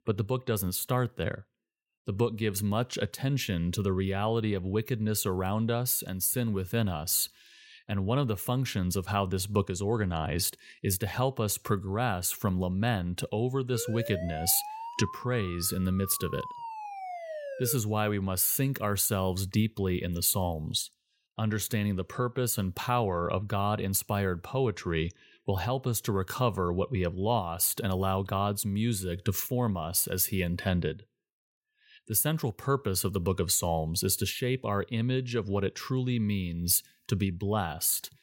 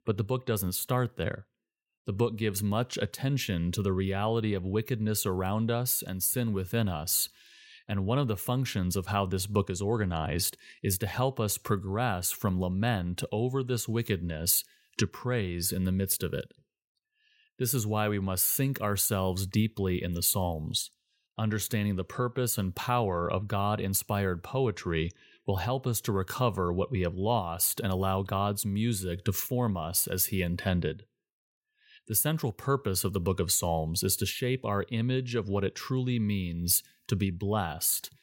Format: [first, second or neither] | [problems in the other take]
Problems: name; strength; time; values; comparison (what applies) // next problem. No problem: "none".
second | siren; noticeable; from 14 to 18 s; peak 9 dB below the speech